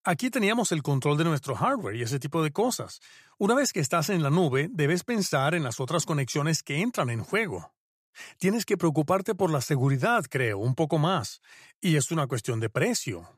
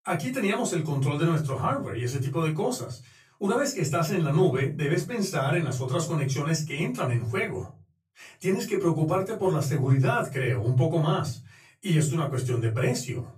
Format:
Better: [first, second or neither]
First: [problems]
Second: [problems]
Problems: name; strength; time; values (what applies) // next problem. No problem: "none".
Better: first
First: none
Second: off-mic speech; far // room echo; slight; dies away in 0.3 s